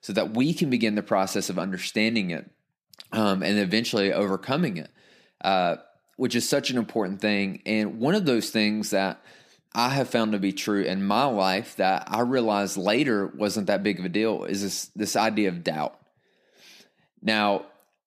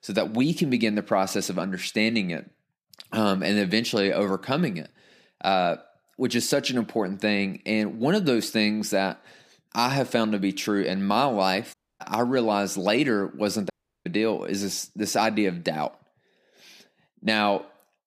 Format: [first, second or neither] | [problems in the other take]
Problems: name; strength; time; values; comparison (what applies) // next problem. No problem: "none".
first | audio cutting out; at 12 s and at 14 s